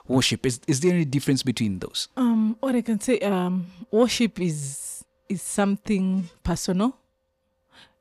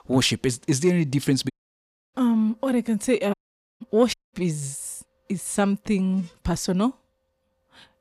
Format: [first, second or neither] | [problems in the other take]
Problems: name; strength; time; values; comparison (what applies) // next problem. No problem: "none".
first | audio cutting out; at 1.5 s for 0.5 s, at 3.5 s and at 4 s